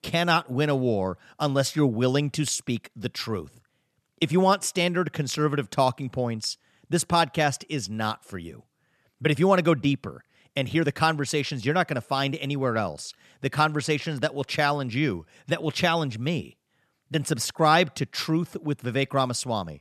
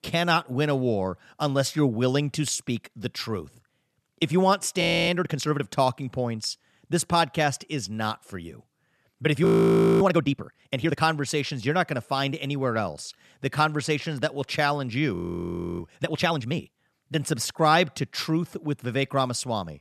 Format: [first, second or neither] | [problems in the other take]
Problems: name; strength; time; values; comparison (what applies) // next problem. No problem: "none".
first | audio freezing; at 5 s, at 9.5 s for 0.5 s and at 15 s for 0.5 s